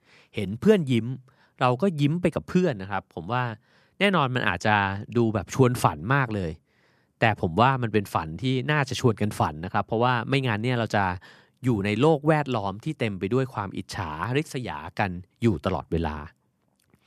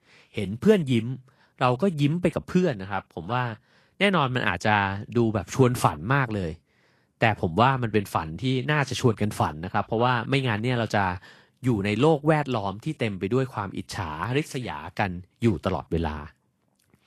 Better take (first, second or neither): first